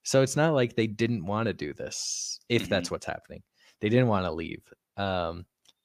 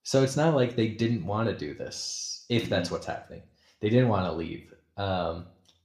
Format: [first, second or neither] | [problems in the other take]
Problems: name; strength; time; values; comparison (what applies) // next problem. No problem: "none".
first | room echo; very slight; dies away in 0.4 s